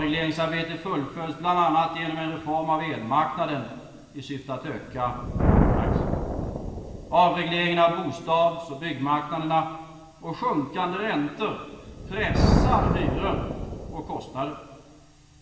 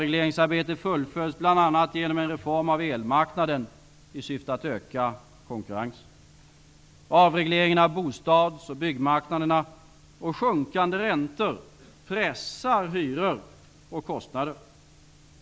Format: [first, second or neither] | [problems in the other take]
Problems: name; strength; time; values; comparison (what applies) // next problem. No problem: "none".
second | background sound (Thunder); 2 dB below the speech // room echo; dies away in 1.4 s